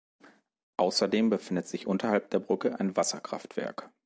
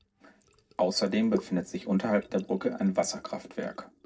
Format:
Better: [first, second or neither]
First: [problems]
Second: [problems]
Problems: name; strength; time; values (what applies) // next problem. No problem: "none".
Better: first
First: none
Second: noise reduction (neural separator model SepFormer DNS4)